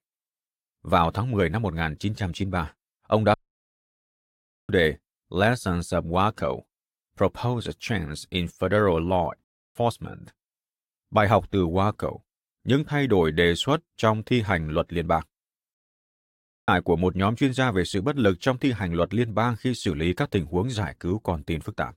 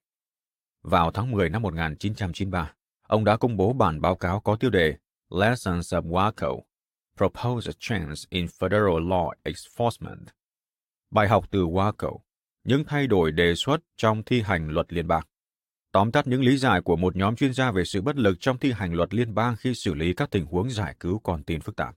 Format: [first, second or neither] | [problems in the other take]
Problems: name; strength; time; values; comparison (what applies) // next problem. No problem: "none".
second | audio cutting out; at 3.5 s for 1.5 s, at 9.5 s and at 16 s for 1 s